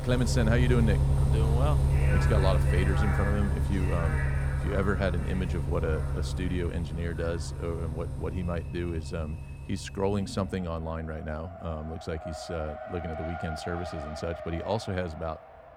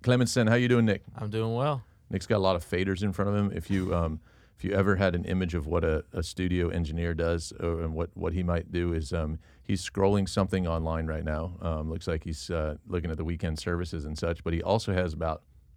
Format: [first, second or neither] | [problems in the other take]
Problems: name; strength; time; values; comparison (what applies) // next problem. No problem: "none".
second | traffic noise; very loud; throughout; 3 dB above the speech